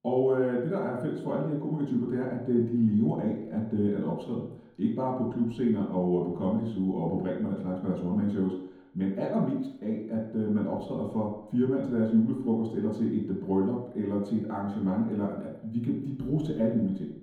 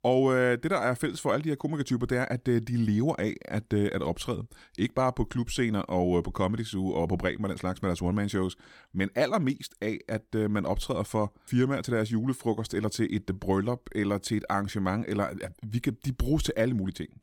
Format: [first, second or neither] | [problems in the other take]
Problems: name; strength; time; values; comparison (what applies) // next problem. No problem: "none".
second | room echo; noticeable; dies away in 0.9 s // off-mic speech; far